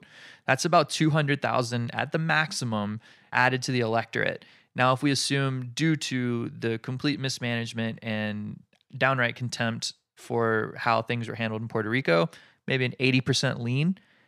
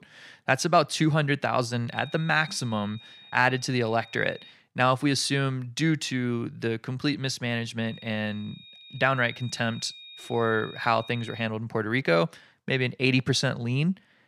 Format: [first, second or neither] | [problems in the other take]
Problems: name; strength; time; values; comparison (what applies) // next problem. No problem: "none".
first | high-pitched whine; noticeable; from 2 to 4.5 s and from 8 to 11 s; 3.5 kHz, 20 dB below the speech